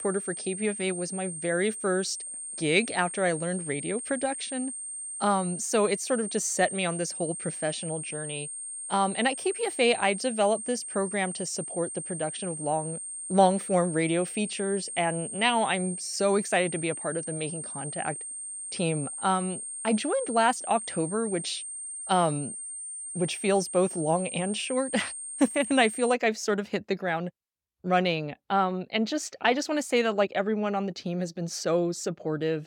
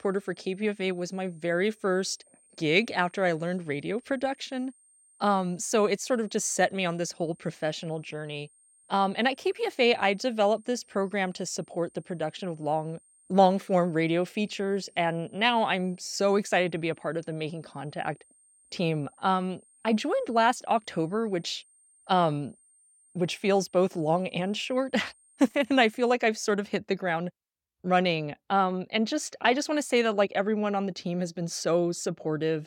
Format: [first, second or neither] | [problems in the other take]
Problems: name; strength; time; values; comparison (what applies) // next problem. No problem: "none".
second | high-pitched whine; loud; until 26 s; 8.5 kHz, 7 dB below the speech; faint in the second